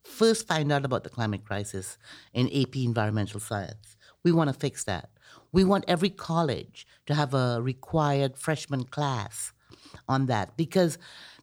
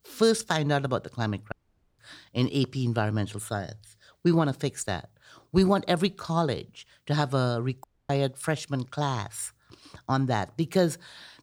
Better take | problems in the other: first | audio cutting out; at 1.5 s and at 8 s

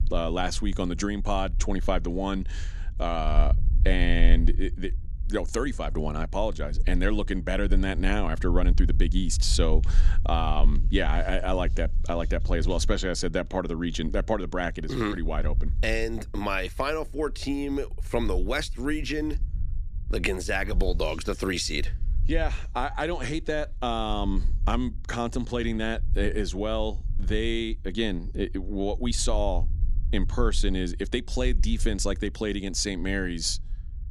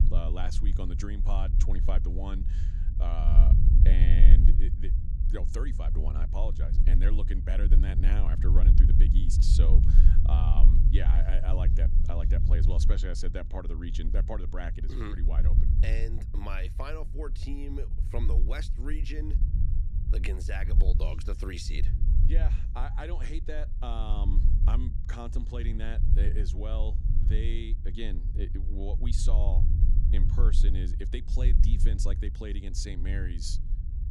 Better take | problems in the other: first | low rumble; loud; throughout; 5 dB below the speech; faint in the first

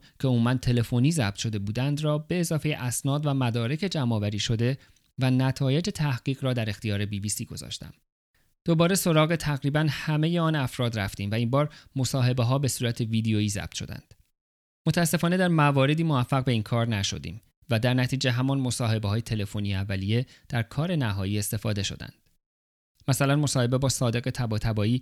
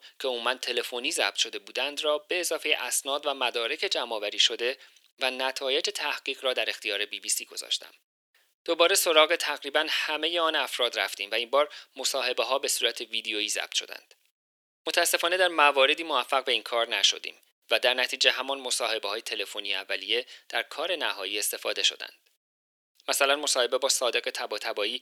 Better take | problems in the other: first | thin; very; fading below 400 Hz

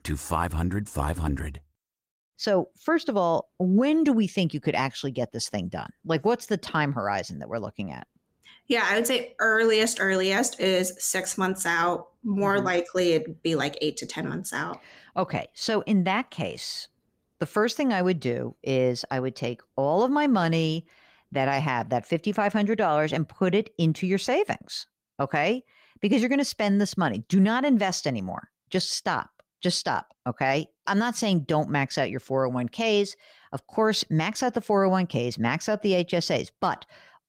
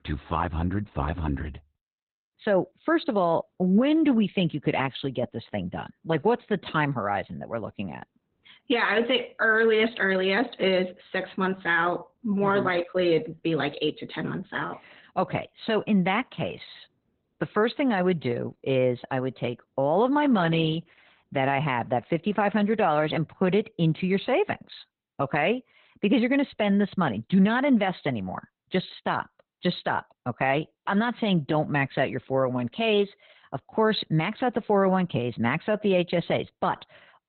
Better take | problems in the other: first | garbled, watery; badly; nothing above 4 kHz; slightly in the first

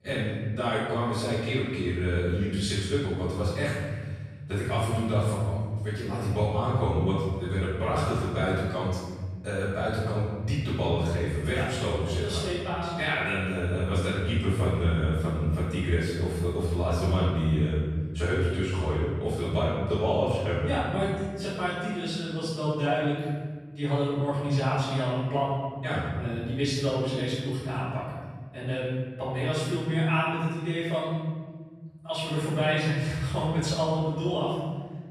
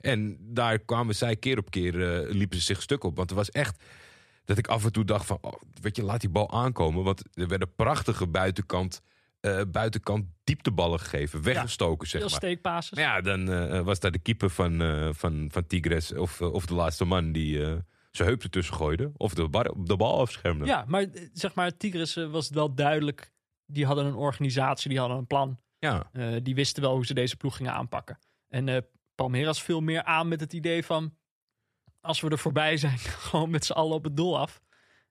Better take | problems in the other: second | room echo; strong; dies away in 1.8 s // off-mic speech; far

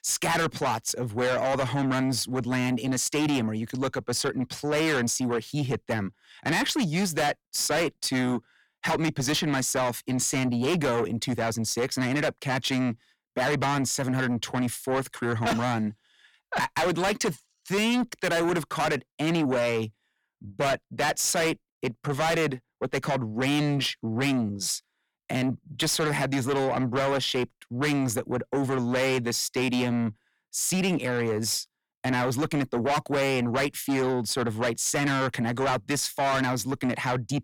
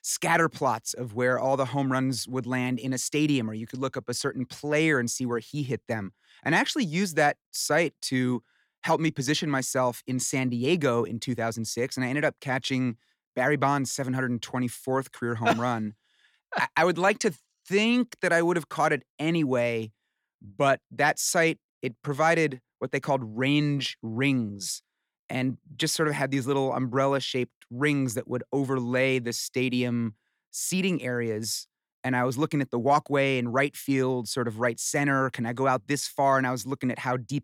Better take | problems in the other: second | distortion; heavy; 7 dB below the speech

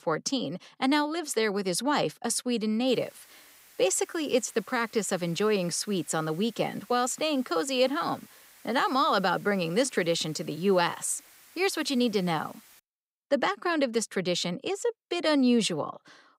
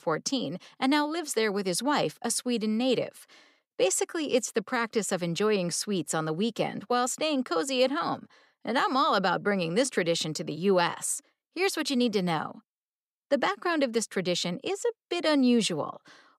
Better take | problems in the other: second | hiss; faint; from 3 to 13 s; 25 dB below the speech

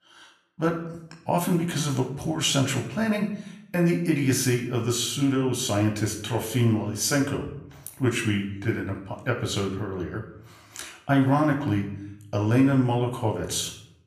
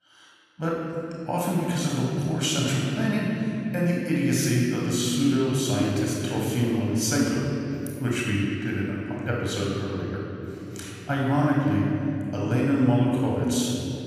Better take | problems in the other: first | room echo; strong; dies away in 3 s; slight in the first // off-mic speech; far; somewhat distant in the first

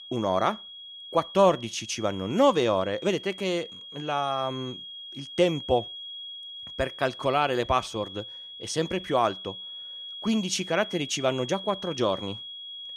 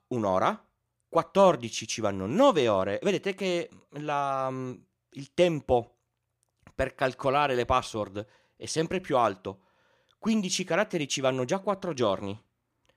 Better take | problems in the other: second | high-pitched whine; noticeable; throughout; 3.5 kHz, 10 dB below the speech

